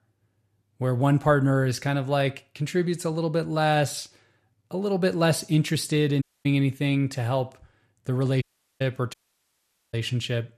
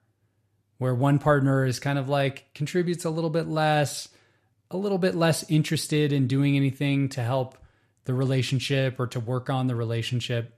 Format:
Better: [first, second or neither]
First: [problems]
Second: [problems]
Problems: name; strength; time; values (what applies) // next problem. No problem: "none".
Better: second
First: audio cutting out; at 6 s, at 8.5 s and at 9 s for 1 s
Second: none